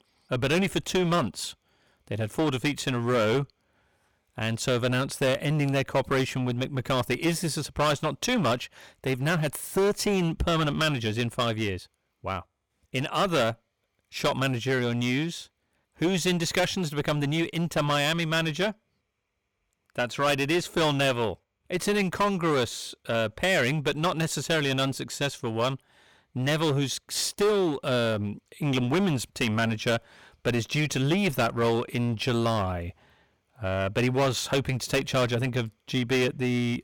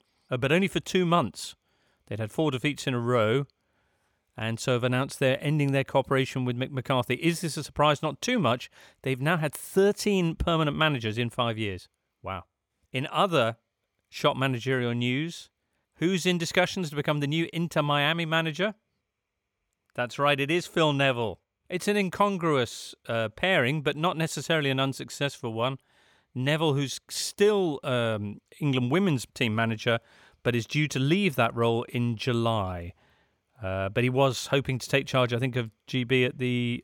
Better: second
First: distortion; heavy; 12% of the sound clipped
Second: none

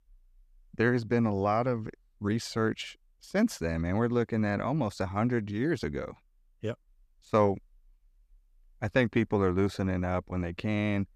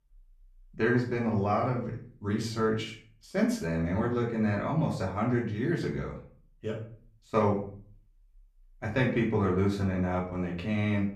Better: first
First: none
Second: room echo; slight; dies away in 0.4 s // off-mic speech; far

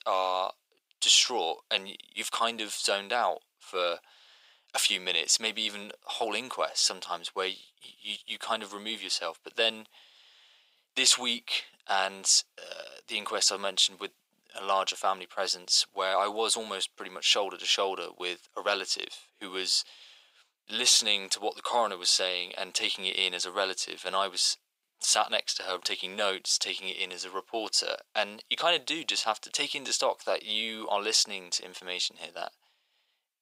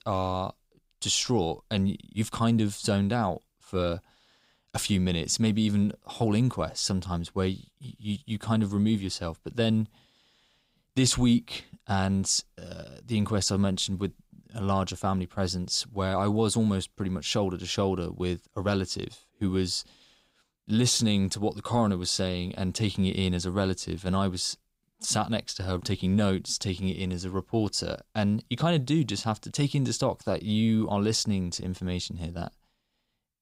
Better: second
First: thin; very; fading below 550 Hz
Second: none

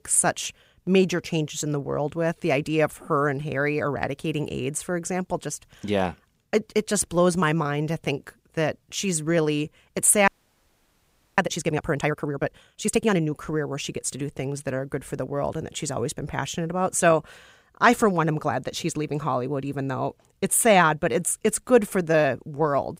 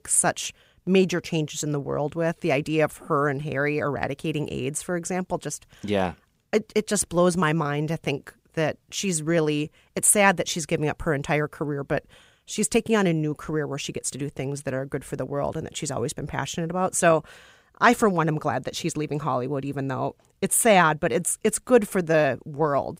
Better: second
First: audio freezing; at 10 s for 1 s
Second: none

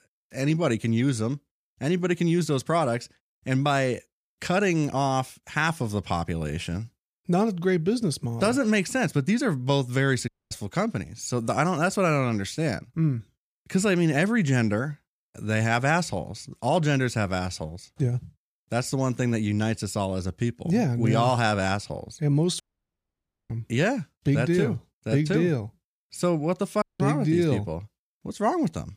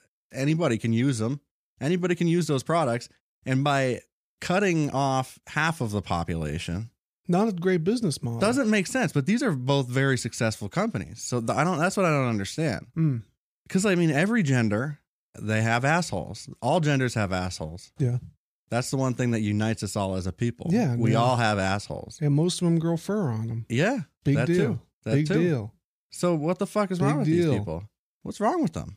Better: second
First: audio cutting out; at 10 s, at 23 s for 1 s and at 27 s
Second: none

